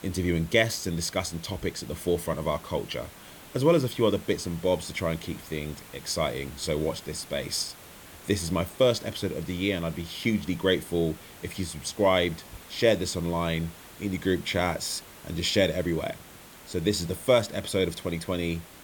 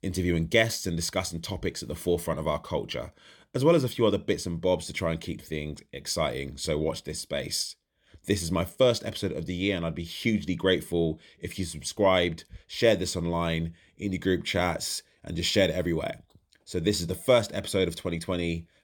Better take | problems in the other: second | hiss; noticeable; throughout; 20 dB below the speech

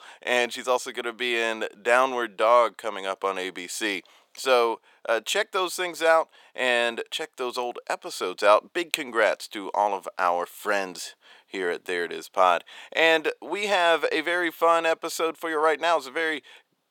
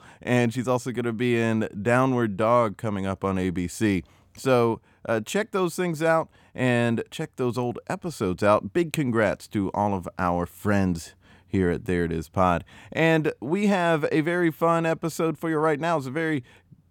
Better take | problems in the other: second | thin; very; fading below 500 Hz

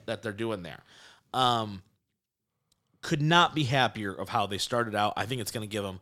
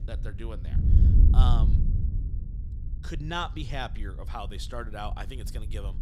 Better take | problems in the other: first | wind noise on the microphone; heavy; 6 dB below the speech

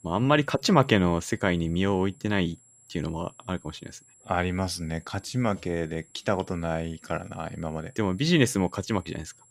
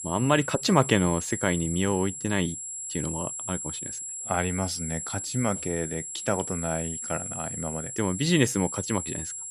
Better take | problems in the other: first | high-pitched whine; loud; throughout; 7.5 kHz, 5 dB below the speech; faint in the first

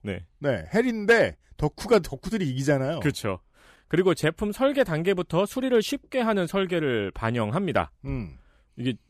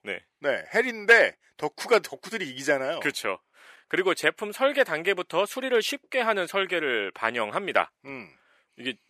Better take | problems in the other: first | thin; somewhat; fading below 450 Hz

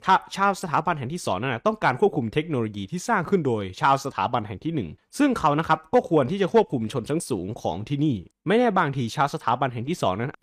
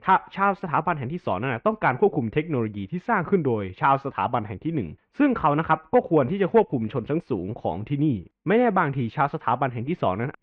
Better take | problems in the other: first | muffled; very; fading above 2.5 kHz

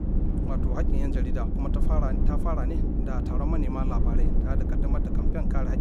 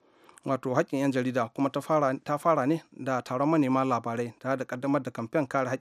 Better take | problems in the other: second | low rumble; loud; throughout; 1 dB below the speech

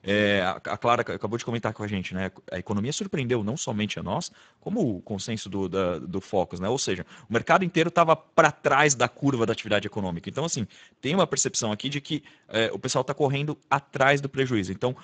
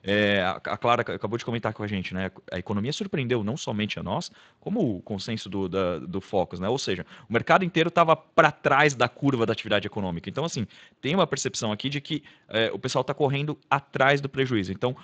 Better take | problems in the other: second | garbled, watery; badly; nothing above 7.5 kHz; slightly in the second

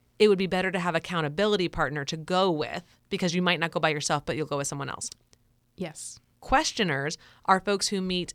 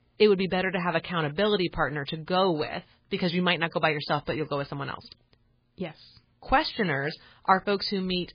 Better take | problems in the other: first | garbled, watery; badly; nothing above 4 kHz

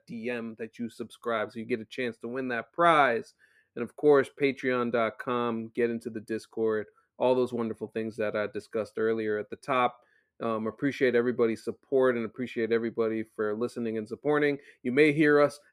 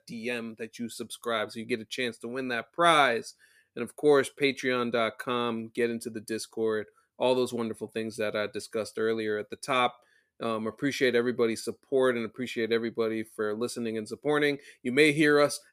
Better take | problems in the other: second | muffled; slightly; fading above 3 kHz

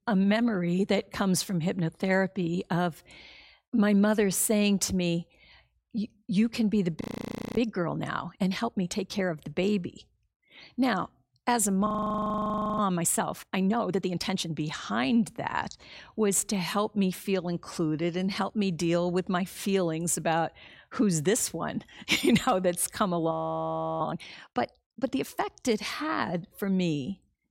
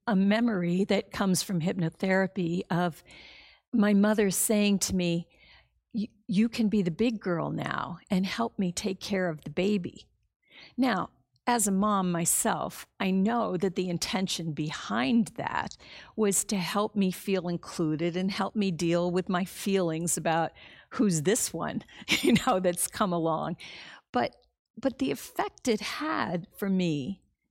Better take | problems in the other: second | audio freezing; at 7 s for 0.5 s, at 12 s for 1 s and at 23 s for 0.5 s

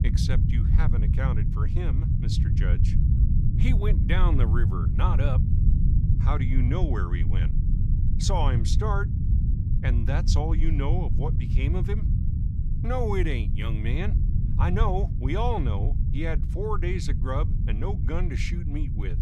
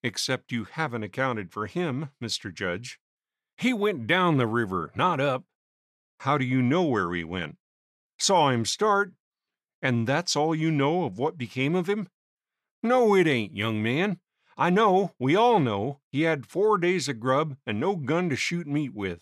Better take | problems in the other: second | low rumble; loud; throughout; 6 dB below the speech

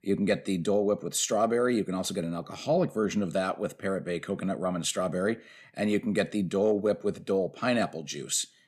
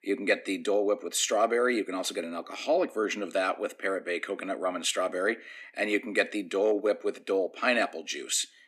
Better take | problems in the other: first | thin; somewhat; fading below 250 Hz

